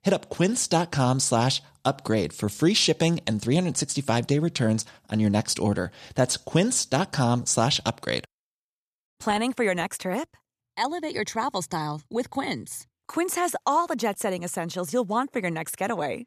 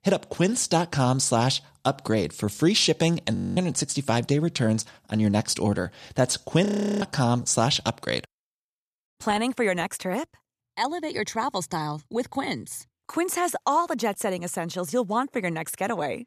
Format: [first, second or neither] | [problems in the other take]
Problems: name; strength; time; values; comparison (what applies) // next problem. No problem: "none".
first | audio freezing; at 3.5 s and at 6.5 s